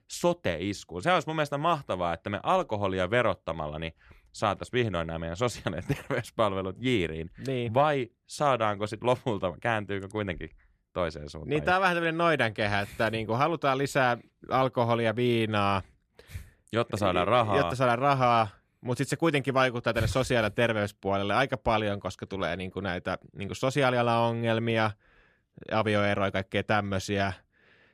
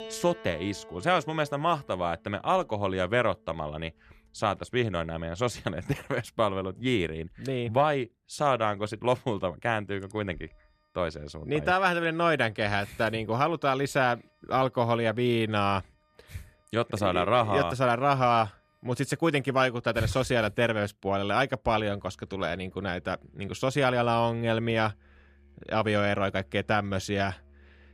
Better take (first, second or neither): first